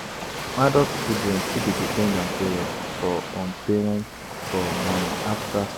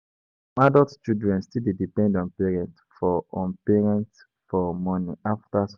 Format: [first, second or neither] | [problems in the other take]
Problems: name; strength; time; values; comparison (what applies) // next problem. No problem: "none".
second | background sound (Waves, surf); 3 dB below the speech